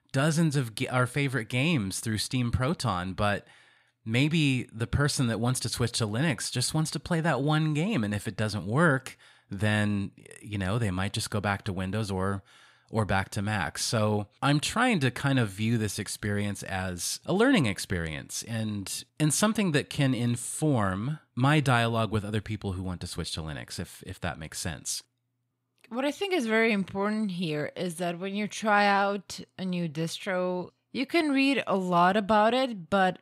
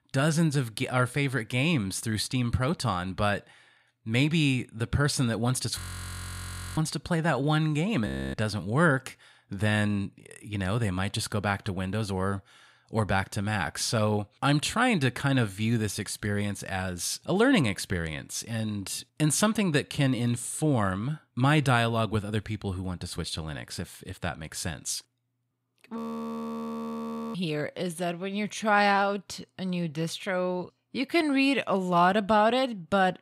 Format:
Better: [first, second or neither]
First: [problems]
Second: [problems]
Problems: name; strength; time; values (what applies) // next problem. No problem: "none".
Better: first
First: none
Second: audio freezing; at 6 s for 1 s, at 8 s and at 26 s for 1.5 s